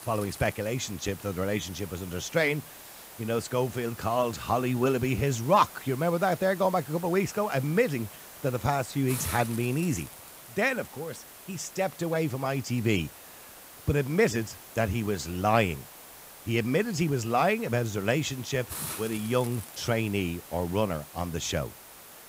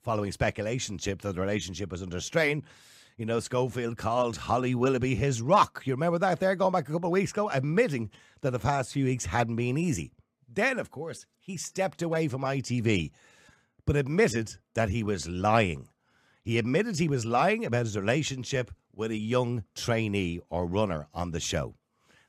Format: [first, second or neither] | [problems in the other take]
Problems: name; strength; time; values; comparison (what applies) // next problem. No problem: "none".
second | hiss; noticeable; throughout; 15 dB below the speech